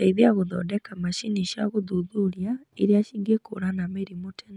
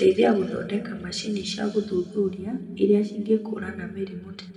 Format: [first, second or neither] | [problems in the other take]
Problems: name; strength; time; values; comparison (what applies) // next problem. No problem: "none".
first | room echo; dies away in 1.9 s